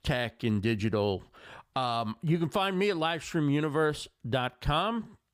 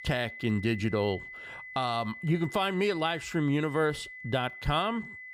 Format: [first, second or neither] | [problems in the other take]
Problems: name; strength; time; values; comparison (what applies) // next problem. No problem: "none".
first | high-pitched whine; noticeable; throughout; 2 kHz, 10 dB below the speech